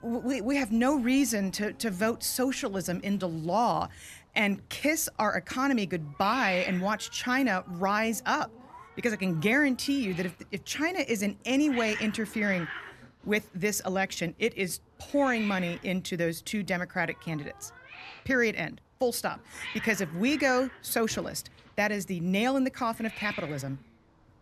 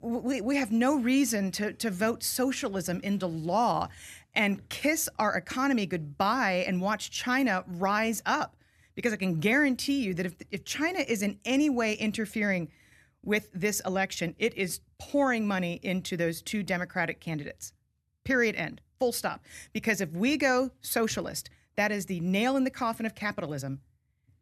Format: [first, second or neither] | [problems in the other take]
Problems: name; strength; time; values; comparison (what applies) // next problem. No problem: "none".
second | animal sounds; noticeable; throughout; 15 dB below the speech